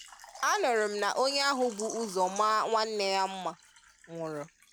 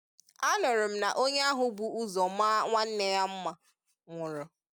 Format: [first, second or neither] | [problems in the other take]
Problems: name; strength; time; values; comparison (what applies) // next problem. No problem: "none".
second | background sound (Water / Liquid); 18 dB below the speech